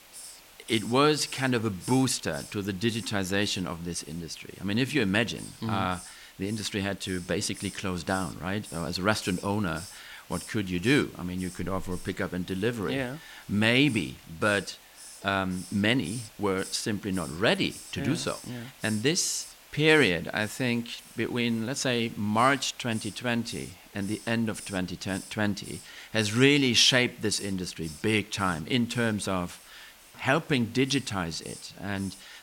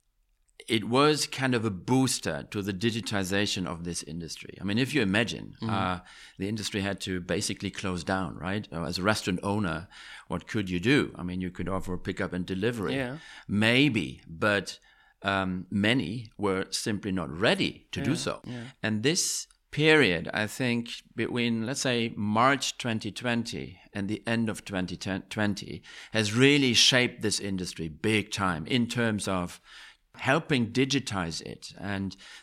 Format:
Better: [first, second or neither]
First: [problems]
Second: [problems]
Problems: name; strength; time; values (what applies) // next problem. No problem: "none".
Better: second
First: hiss; noticeable; throughout; 15 dB below the speech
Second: none